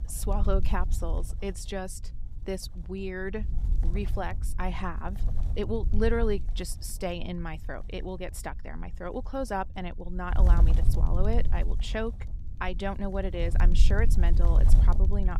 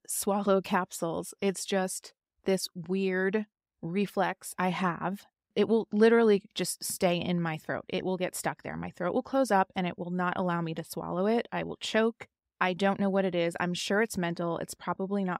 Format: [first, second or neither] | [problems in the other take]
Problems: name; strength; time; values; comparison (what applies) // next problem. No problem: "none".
second | wind noise on the microphone; occasional gusts; 10 dB below the speech